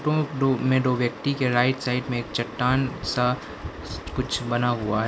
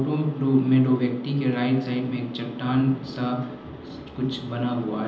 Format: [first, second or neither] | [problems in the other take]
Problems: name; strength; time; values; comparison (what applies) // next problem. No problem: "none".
first | room echo; dies away in 0.9 s